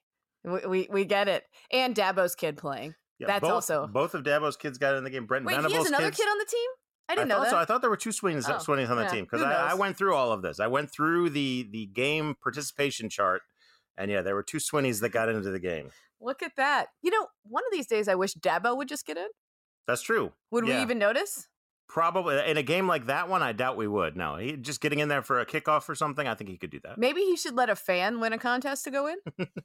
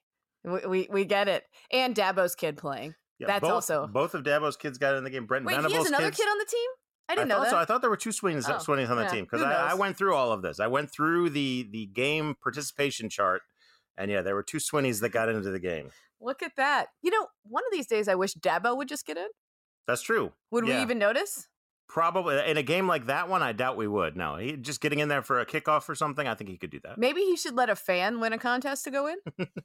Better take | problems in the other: neither | none

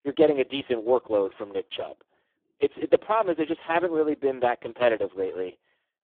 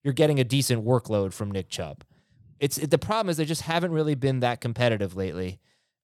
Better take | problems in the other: second | phone-call audio; poor line

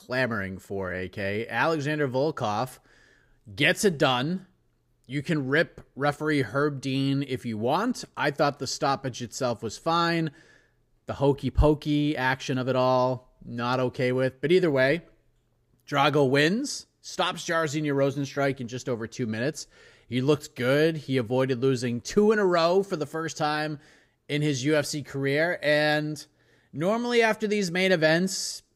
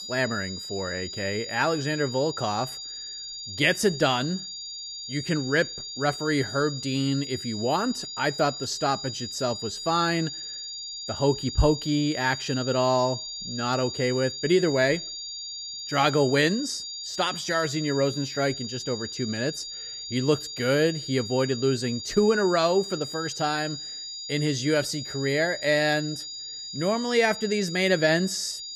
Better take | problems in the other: first | high-pitched whine; loud; throughout; 4.5 kHz, 8 dB below the speech

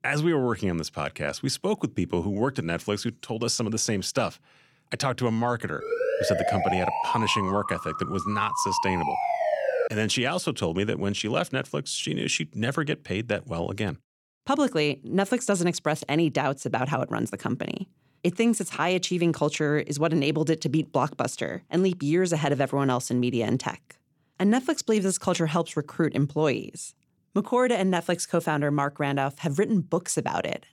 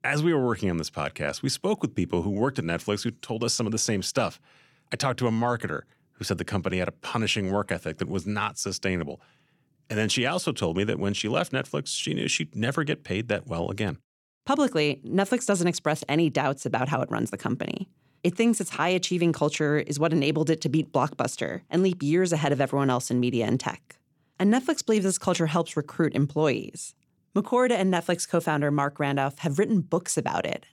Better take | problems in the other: second | siren; loud; from 6 to 10 s; peak 1 dB above the speech

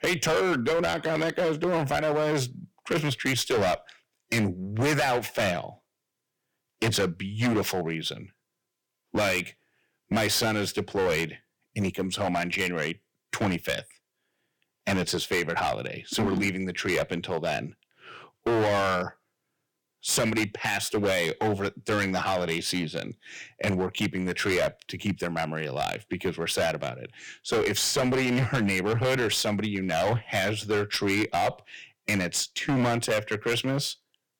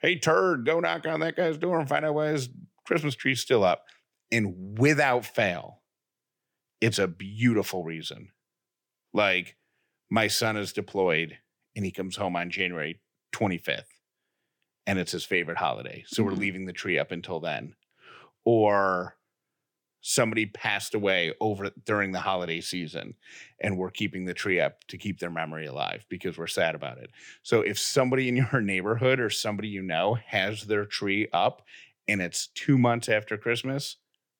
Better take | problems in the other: second | distortion; heavy; 14% of the sound clipped

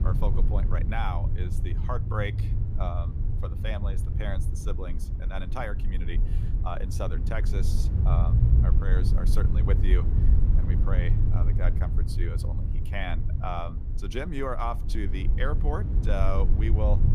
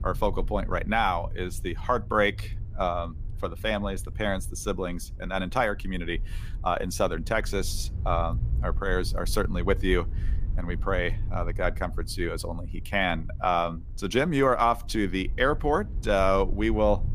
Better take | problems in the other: second | low rumble; loud; throughout; 7 dB below the speech; faint in the second

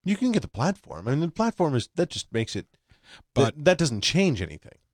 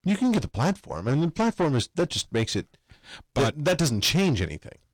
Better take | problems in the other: first | distortion; heavy; 7 dB below the speech

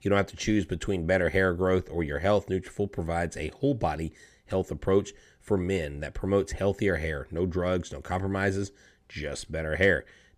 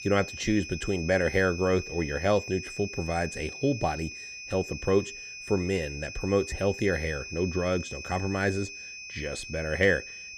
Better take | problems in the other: first | high-pitched whine; loud; throughout; 2.5 kHz, 10 dB below the speech

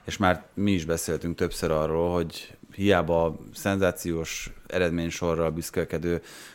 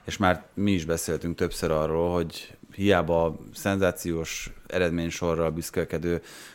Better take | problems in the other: neither | none

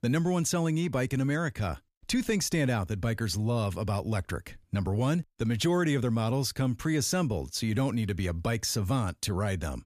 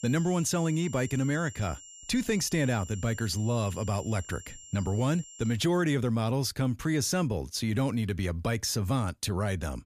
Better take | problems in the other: first | high-pitched whine; noticeable; until 5.5 s; 7.5 kHz, 15 dB below the speech

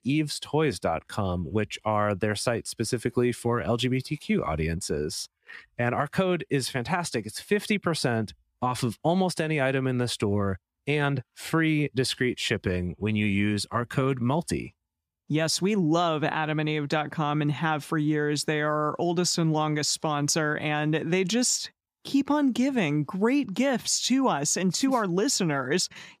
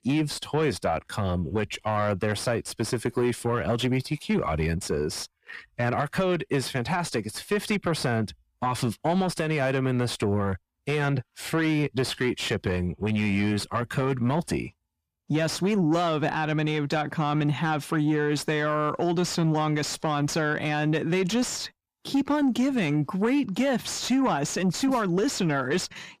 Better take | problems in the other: first | distortion; slight; 10 dB below the speech

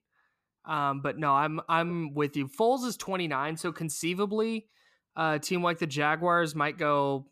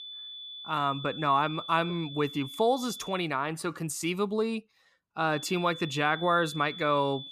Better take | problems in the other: first | high-pitched whine; noticeable; until 3.5 s and from 5.5 s on; 3.5 kHz, 10 dB below the speech

